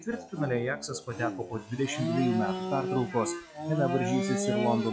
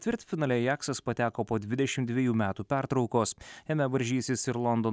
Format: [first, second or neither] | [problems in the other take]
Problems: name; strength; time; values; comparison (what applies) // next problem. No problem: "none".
second | noise reduction (classical method log-MMSE)